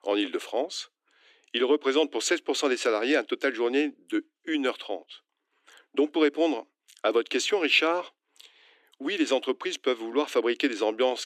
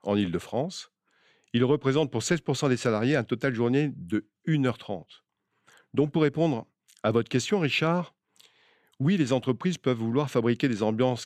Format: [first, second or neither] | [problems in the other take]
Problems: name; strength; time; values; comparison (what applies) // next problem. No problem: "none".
second | thin; somewhat; fading below 300 Hz